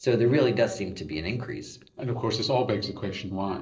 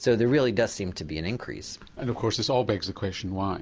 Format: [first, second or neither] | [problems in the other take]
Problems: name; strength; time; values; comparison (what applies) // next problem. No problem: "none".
second | noise reduction (neural separator model SepFormer DNS4)